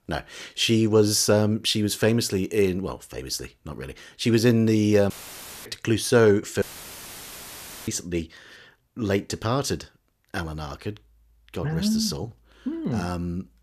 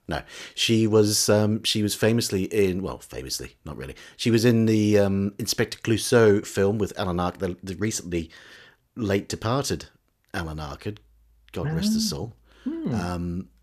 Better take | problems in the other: second | audio cutting out; filled with static; at 5 s for 0.5 s and at 6.5 s for 1.5 s

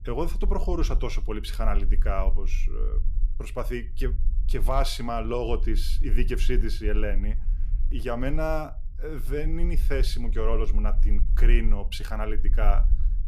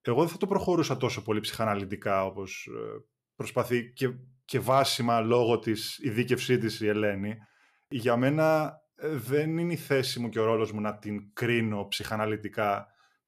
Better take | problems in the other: second | low rumble; faint; throughout; 20 dB below the speech

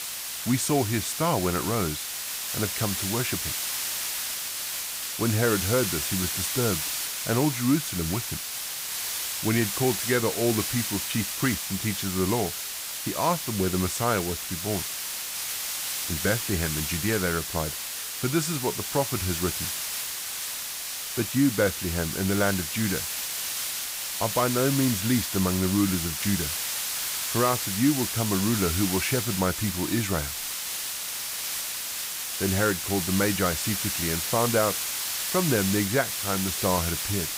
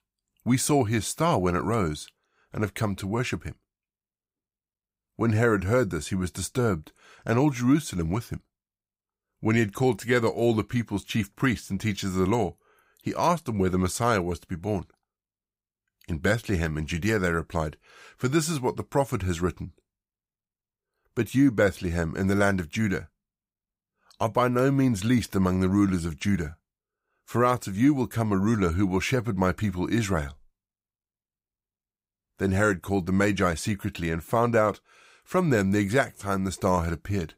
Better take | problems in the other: second | hiss; loud; throughout; 1 dB below the speech

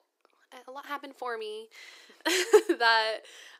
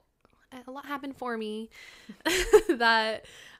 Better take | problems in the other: second | thin; somewhat; fading below 350 Hz

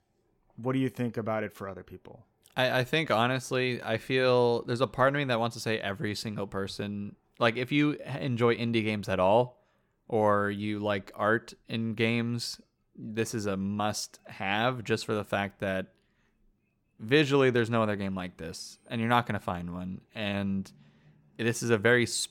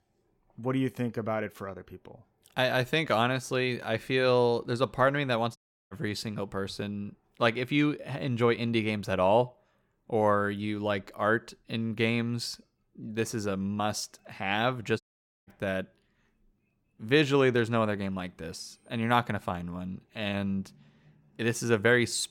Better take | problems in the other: first | audio cutting out; at 5.5 s and at 15 s

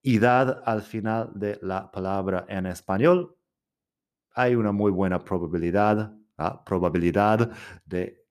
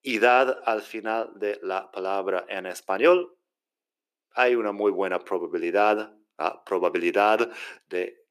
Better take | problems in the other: first | thin; somewhat; fading below 350 Hz

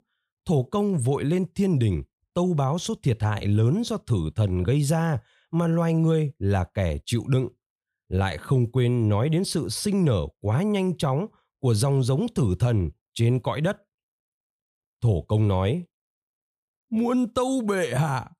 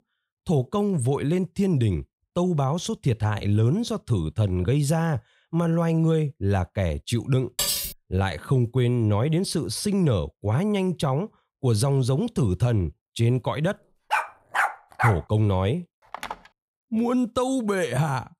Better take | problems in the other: first | clattering dishes; loud; at 7.5 s; peak 1 dB above the speech // dog barking; noticeable; from 14 to 15 s; peak 1 dB below the speech // phone ringing; faint; at 16 s; peak 10 dB below the speech

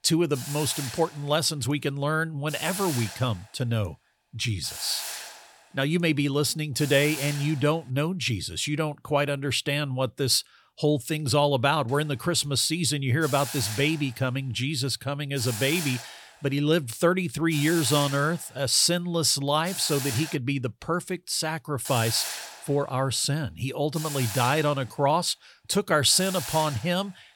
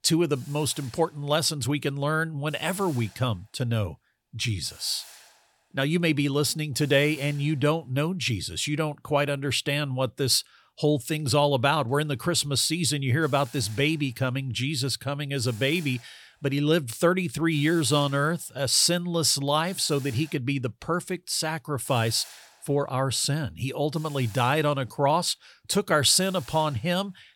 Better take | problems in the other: second | hiss; loud; until 8 s, from 12 to 20 s and from 22 s on; 9 dB below the speech; faint in the second

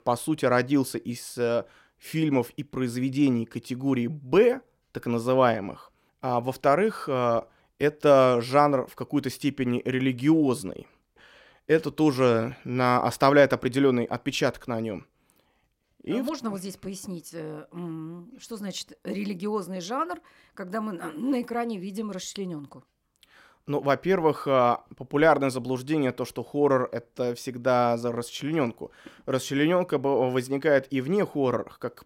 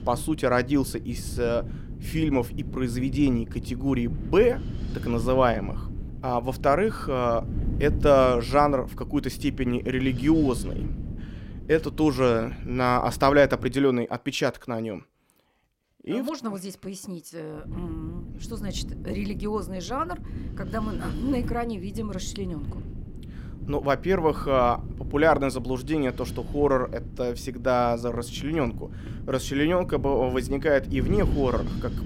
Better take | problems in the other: first | wind noise on the microphone; occasional gusts; until 14 s and from 18 s on; 20 dB below the speech

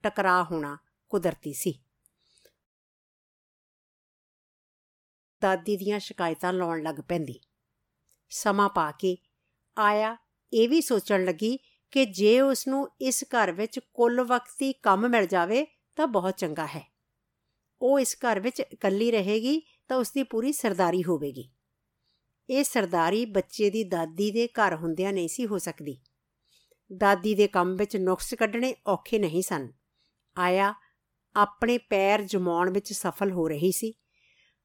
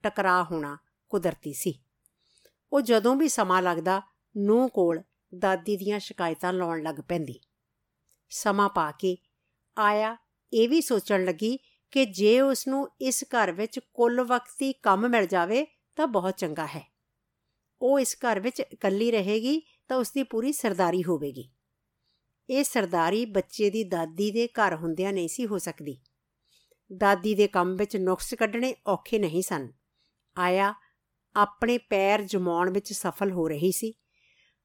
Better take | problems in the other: second | audio cutting out; at 2.5 s for 2.5 s

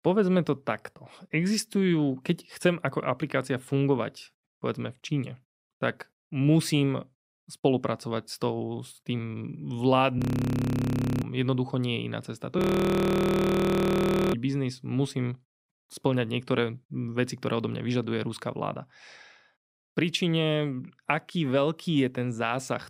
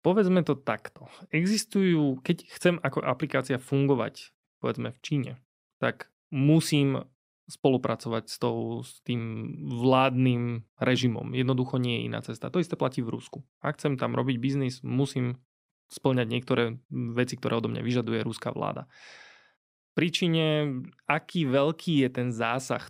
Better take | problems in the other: second | audio freezing; at 10 s for 1 s and at 13 s for 1.5 s

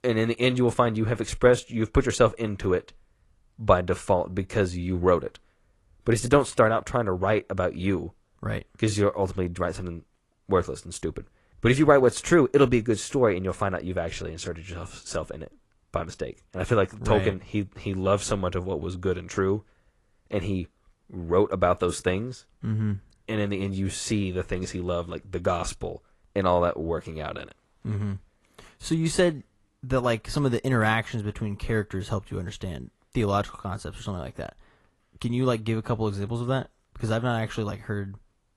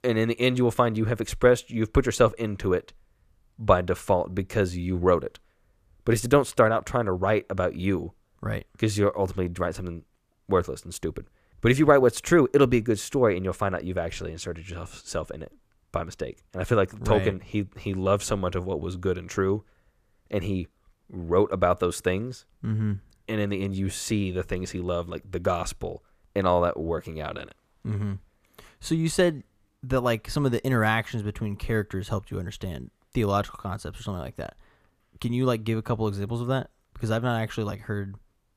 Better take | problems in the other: second | garbled, watery; slightly

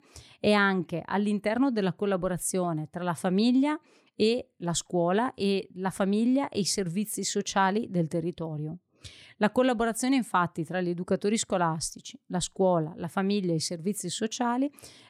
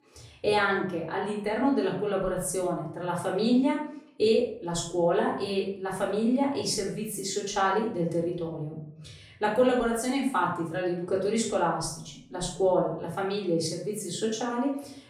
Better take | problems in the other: first | off-mic speech; far // room echo; noticeable; dies away in 0.5 s

